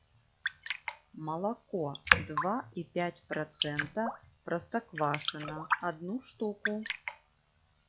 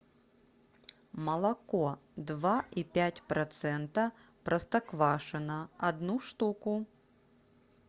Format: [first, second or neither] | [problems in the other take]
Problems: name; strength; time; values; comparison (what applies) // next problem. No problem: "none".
second | noise reduction (classical method log-MMSE)